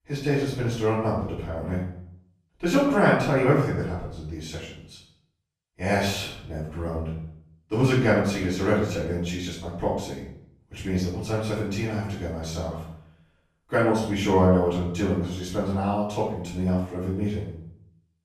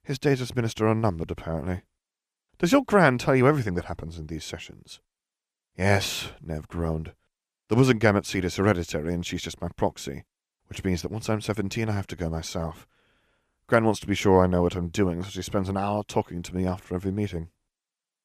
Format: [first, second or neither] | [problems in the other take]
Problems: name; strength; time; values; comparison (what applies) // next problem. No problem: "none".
second | off-mic speech; far // room echo; noticeable; dies away in 0.6 s